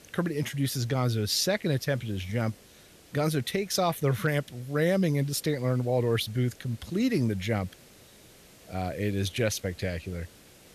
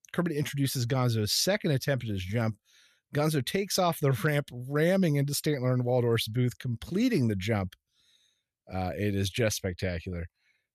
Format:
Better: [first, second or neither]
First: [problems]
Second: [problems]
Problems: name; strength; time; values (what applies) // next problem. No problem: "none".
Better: second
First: hiss; faint; throughout; 25 dB below the speech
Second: none